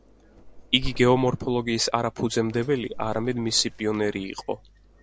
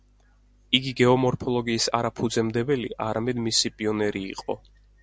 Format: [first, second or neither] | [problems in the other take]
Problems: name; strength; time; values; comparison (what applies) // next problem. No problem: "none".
second | background sound (Drawer open or close); 13 dB below the speech